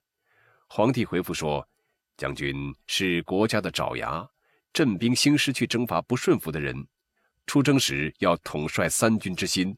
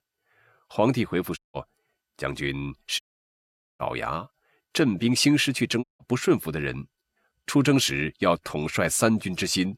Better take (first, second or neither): first